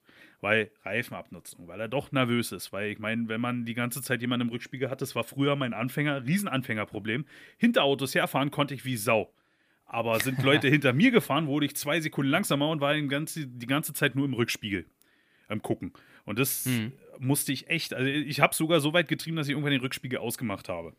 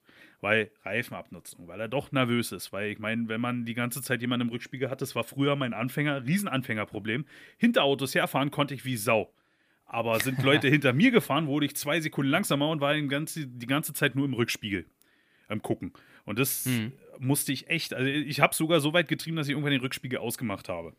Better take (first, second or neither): neither